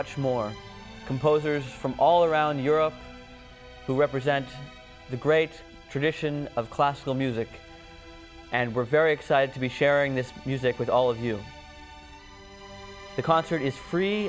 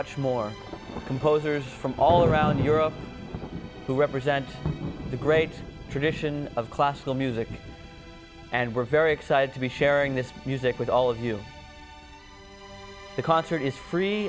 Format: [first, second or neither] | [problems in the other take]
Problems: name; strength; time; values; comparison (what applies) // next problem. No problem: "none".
first | background sound (Thunder); 9 dB below the speech